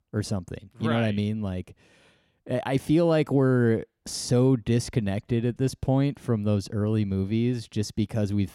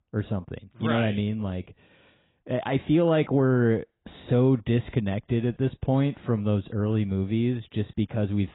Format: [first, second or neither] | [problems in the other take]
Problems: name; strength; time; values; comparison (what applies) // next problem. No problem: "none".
first | garbled, watery; badly; nothing above 4 kHz